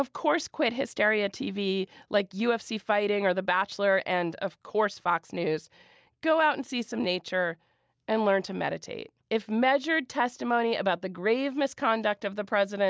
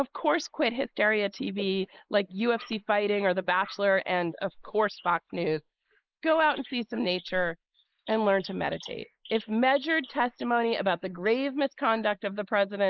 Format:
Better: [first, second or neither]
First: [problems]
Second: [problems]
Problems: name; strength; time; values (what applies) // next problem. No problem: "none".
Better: first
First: none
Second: noise reduction (neural mask model Resemble Enhance denoiser)